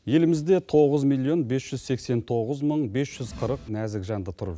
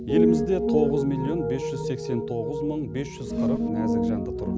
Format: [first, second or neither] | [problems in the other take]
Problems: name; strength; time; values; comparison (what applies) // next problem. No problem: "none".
first | background sound (Piano); 3 dB above the speech